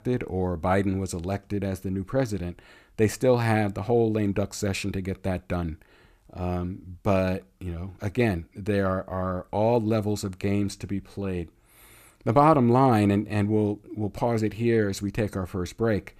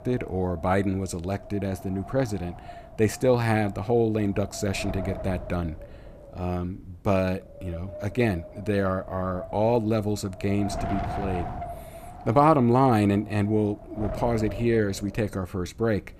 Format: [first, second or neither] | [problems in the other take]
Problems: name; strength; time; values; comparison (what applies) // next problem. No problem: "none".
first | wind noise on the microphone; occasional gusts; 10 dB below the speech